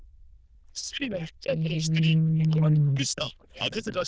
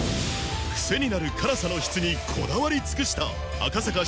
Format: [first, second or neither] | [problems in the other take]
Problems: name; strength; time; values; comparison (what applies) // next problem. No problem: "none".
second | noise reduction (neural diffusion model UNIVERSE++)